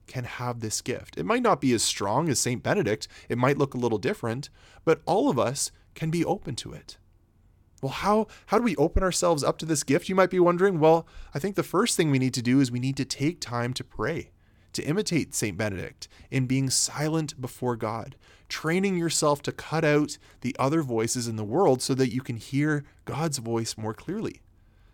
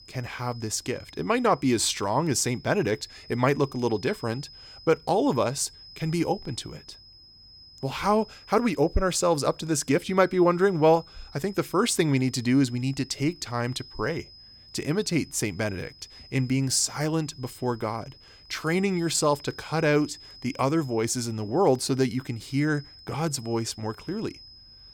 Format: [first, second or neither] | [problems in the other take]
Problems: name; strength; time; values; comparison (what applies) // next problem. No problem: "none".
first | high-pitched whine; faint; throughout; 5 kHz, 20 dB below the speech